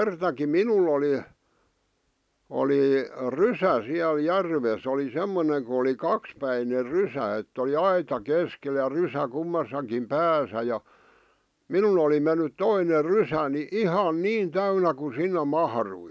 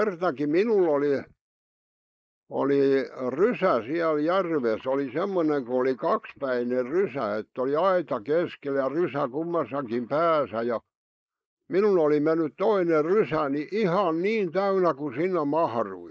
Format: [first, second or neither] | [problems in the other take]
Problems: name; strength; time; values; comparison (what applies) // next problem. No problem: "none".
first | noise reduction (neural mask model Resemble Enhance denoiser)